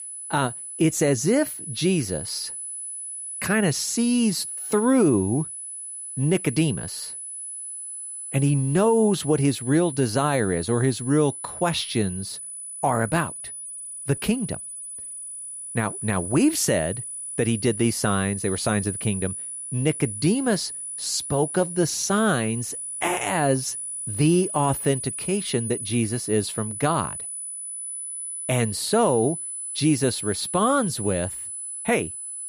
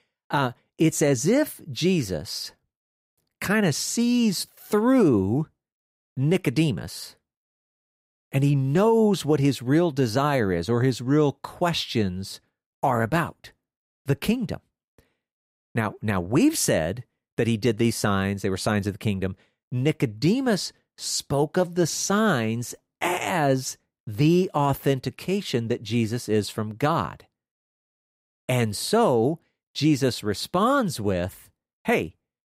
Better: second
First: high-pitched whine; loud; throughout; 10 kHz, 7 dB below the speech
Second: none

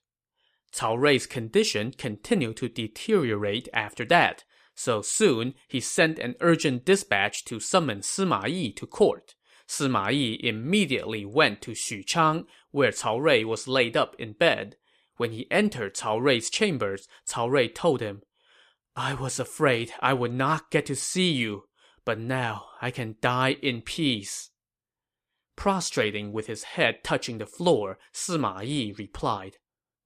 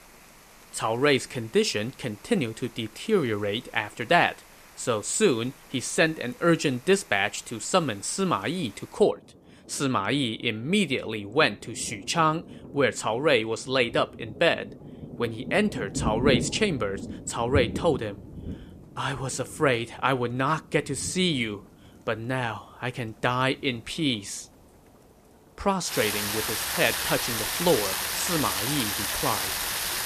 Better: first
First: none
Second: rain or running water; loud; throughout; 3 dB below the speech

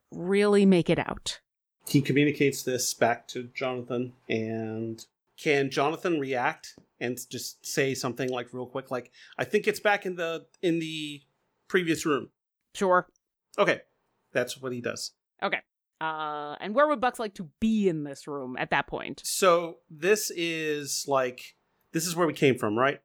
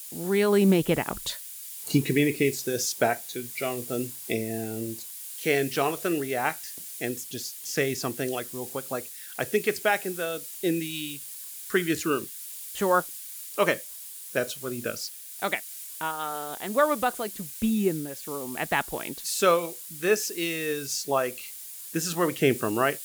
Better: first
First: none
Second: hiss; loud; throughout; 9 dB below the speech

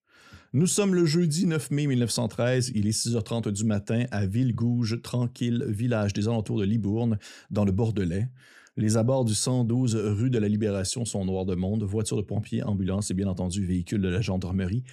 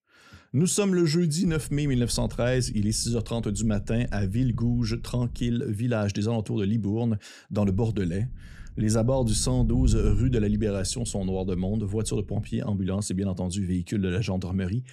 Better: first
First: none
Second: wind noise on the microphone; occasional gusts; from 1.5 to 5.5 s and from 7.5 to 13 s; 20 dB below the speech

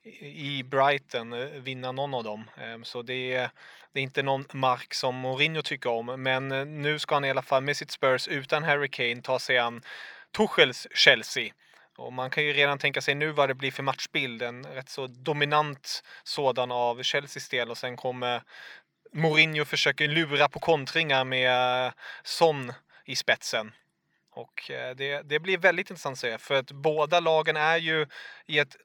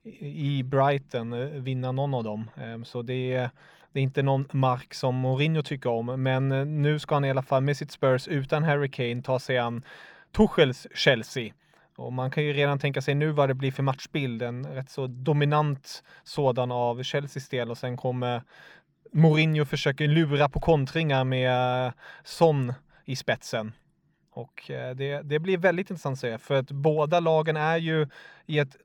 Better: second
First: thin; somewhat; fading below 800 Hz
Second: none

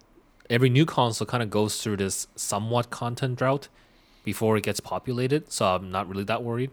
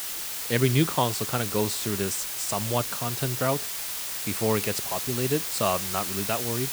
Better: first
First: none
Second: hiss; loud; throughout; 1 dB below the speech

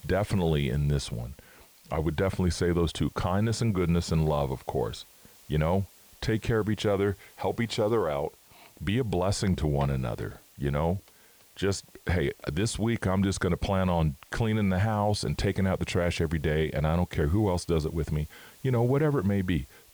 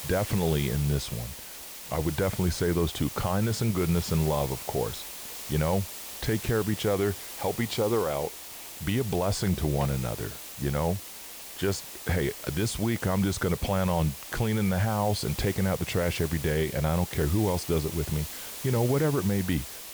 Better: first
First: hiss; faint; throughout; 25 dB below the speech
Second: hiss; loud; throughout; 8 dB below the speech

